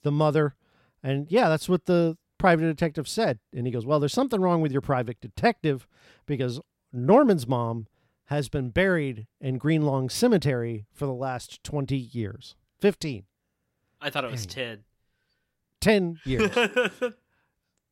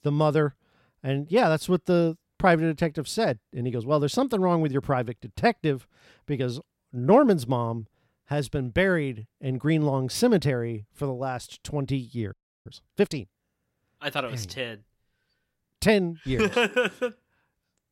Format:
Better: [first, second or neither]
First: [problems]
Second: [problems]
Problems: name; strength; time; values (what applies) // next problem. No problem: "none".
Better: first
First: none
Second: audio freezing; at 12 s